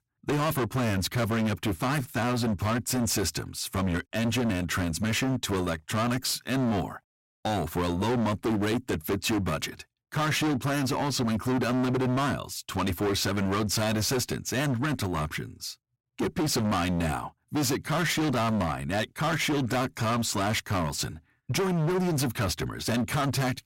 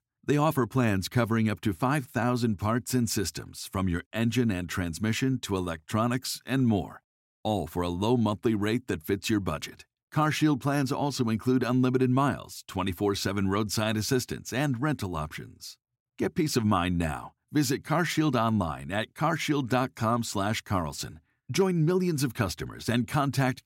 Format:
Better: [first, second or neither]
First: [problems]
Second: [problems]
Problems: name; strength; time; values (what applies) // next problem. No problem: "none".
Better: second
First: distortion; heavy; 26% of the sound clipped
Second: none